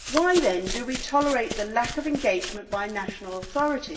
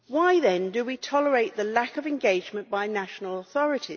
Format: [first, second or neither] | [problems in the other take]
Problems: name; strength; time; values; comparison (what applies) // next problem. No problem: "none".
second | background sound (Run); 10 dB below the speech // room echo; dies away in 0.6 s